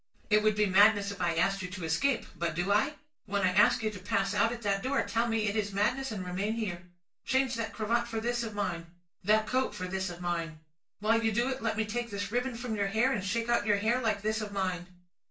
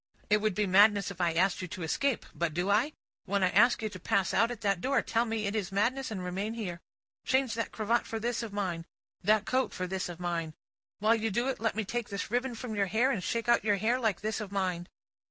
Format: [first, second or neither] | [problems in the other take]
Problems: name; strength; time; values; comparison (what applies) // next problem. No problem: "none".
second | room echo; dies away in 0.3 s